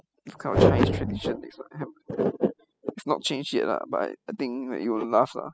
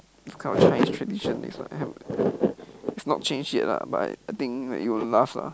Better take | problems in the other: second | noise reduction (classical method spectral subtraction)

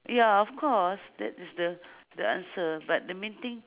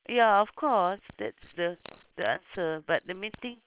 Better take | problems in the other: first | noise reduction (neural separator model SepFormer WHAM!)

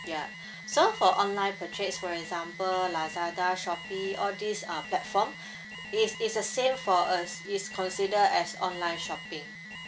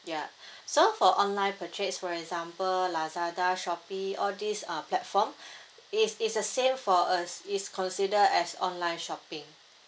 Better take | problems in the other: second | background sound (Alarm); 13 dB below the speech

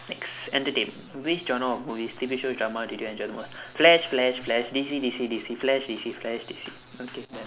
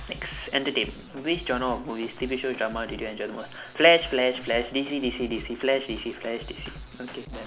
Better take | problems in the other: first | background sound (Drum kit); 17 dB below the speech

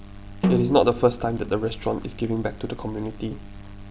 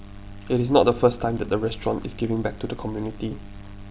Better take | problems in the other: second | background sound (Snare drum); 4 dB below the speech

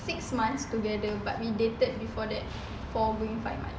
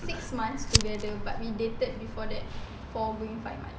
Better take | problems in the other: first | background sound (Fire); 2 dB above the speech

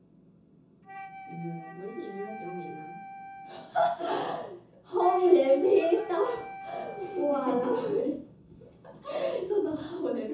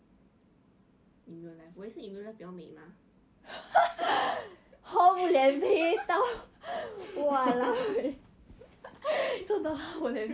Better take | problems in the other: second | background sound (Wind instrument, woodwind instrument); 15 dB below the speech // room echo; dies away in 0.5 s

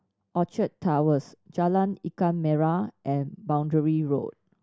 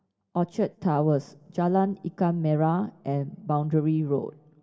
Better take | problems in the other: first | room echo; dies away in 0.3 s

